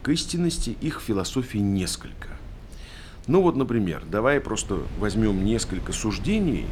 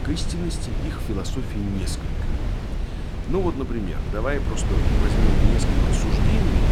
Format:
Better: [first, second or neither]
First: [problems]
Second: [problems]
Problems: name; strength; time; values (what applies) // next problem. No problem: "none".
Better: first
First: wind noise on the microphone; occasional gusts; 20 dB below the speech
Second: wind noise on the microphone; heavy; 1 dB below the speech